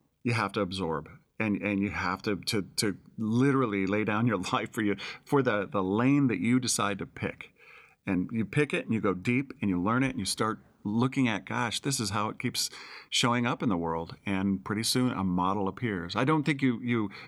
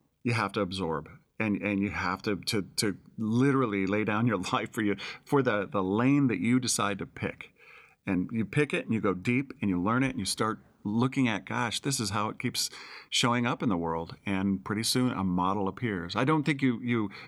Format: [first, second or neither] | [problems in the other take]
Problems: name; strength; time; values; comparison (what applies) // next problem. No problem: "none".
neither | none